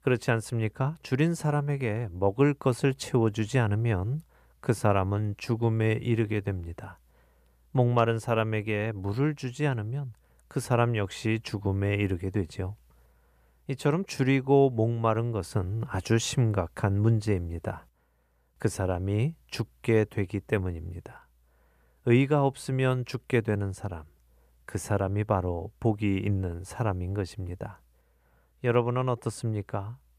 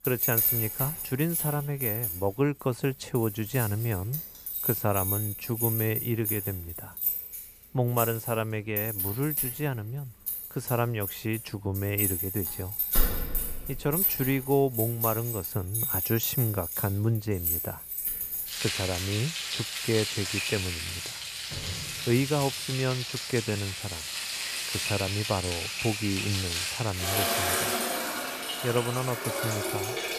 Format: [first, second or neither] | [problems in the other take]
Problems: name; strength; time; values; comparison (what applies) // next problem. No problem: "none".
first | household noises; very loud; throughout; 1 dB above the speech